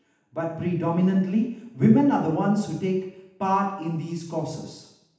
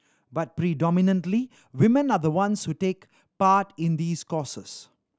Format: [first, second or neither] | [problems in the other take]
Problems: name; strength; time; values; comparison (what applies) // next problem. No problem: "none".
second | room echo; dies away in 0.8 s